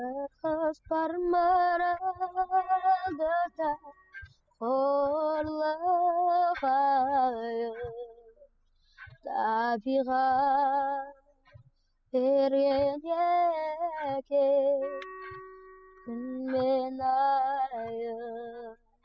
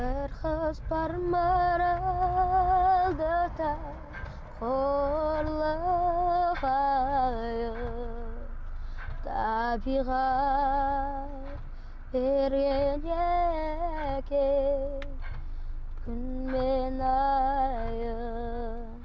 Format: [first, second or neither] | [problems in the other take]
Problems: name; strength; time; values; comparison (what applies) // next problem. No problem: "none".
second | noise reduction (classical method spectral subtraction)